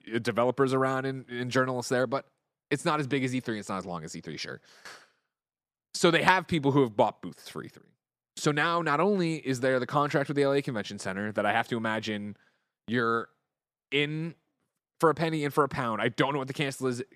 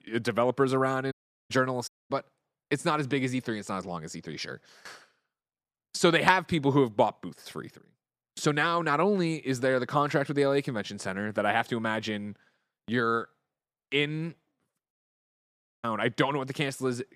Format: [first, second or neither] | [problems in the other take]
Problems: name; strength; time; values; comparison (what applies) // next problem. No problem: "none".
first | audio cutting out; at 1 s, at 2 s and at 15 s for 1 s